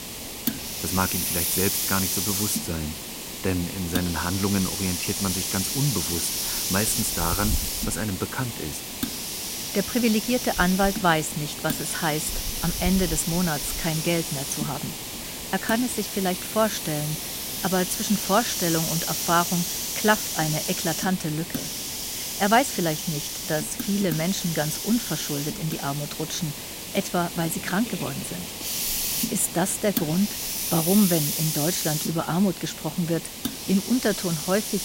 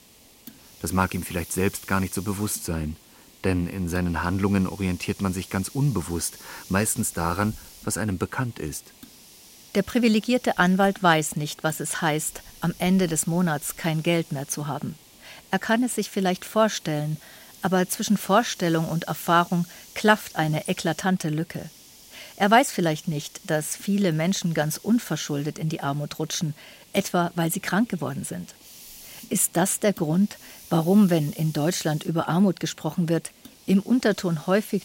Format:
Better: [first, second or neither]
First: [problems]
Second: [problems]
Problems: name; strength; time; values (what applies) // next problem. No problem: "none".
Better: second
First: hiss; loud; throughout; 1 dB below the speech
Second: hiss; faint; throughout; 20 dB below the speech